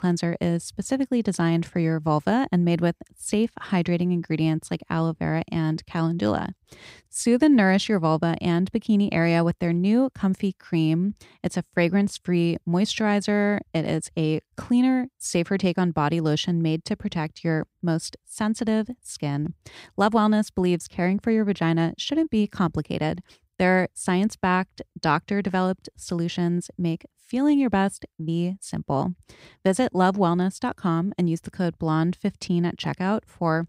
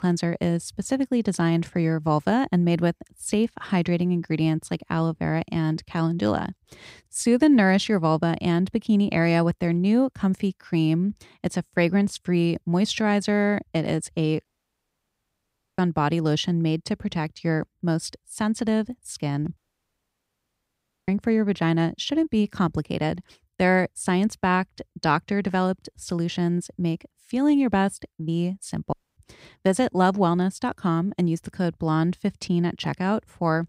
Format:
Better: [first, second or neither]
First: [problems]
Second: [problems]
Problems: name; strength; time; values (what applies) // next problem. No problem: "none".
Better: first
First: none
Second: audio cutting out; at 14 s for 1.5 s, at 20 s for 1.5 s and at 29 s